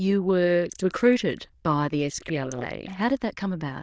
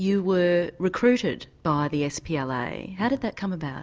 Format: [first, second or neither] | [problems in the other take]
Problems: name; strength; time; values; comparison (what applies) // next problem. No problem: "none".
second | noise reduction (neural diffusion model UNIVERSE++)